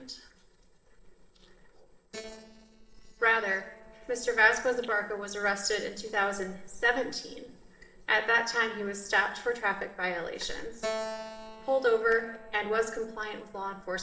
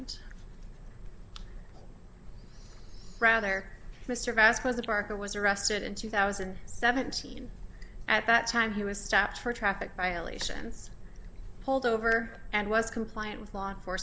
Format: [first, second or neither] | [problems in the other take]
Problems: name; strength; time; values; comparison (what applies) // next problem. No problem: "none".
second | noise reduction (neural separator model SepFormer DNS4)